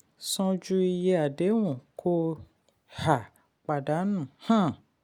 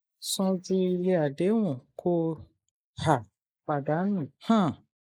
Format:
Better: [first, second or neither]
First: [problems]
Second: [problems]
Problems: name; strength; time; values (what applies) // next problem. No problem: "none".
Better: first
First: none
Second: noise reduction (neural mask model Resemble Enhance denoiser)